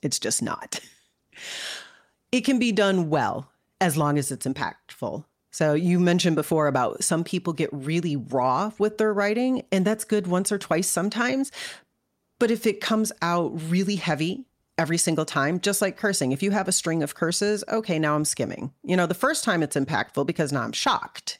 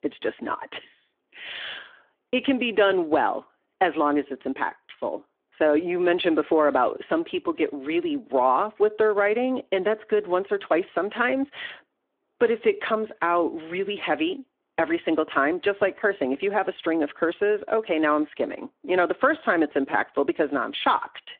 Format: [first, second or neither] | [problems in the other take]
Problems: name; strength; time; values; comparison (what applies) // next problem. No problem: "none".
first | phone-call audio; nothing above 3.5 kHz